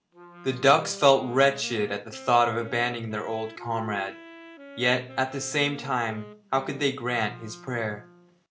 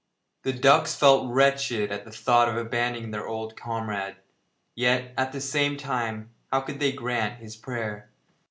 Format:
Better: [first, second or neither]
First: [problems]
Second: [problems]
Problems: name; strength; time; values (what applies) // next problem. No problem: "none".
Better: second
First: background sound (Wind instrument, woodwind instrument); 18 dB below the speech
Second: none